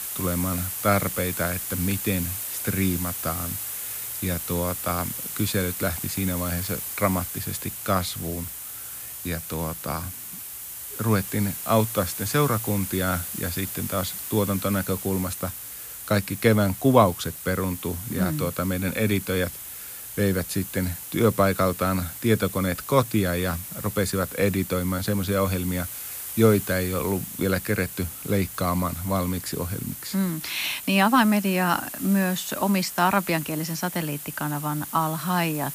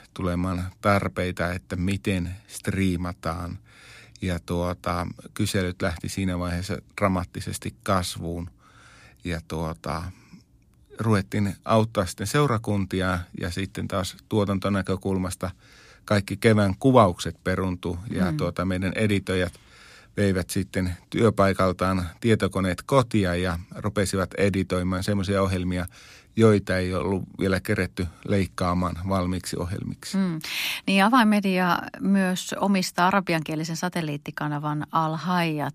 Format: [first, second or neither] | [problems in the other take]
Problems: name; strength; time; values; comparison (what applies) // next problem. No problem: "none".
second | hiss; loud; throughout; 7 dB below the speech